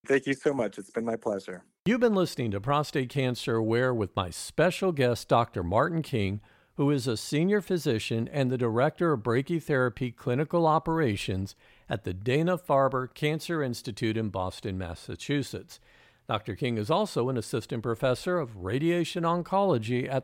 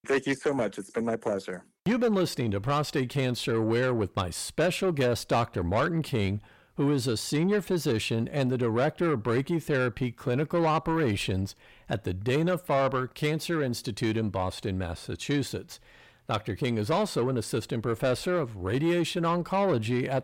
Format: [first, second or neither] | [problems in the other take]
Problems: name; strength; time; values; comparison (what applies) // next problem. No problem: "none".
first | distortion; slight; 10 dB below the speech